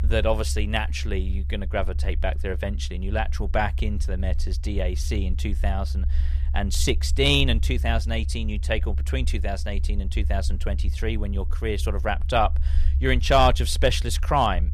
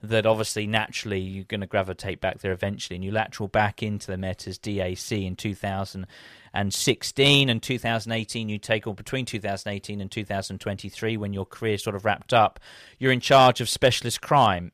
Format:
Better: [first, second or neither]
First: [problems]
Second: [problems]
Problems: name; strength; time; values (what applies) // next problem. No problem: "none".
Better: second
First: low rumble; faint; throughout; 20 dB below the speech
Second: none